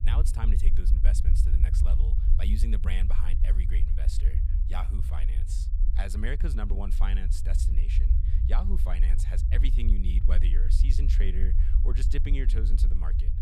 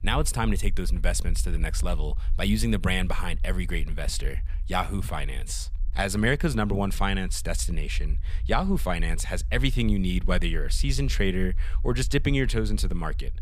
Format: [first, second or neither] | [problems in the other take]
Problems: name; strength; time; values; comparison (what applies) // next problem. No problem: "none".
second | low rumble; loud; throughout; 5 dB below the speech; faint in the second